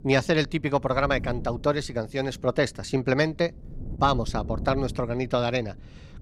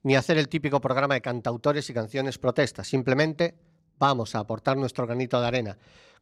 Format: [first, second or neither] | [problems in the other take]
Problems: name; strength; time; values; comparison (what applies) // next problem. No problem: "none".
second | wind noise on the microphone; occasional gusts; 25 dB below the speech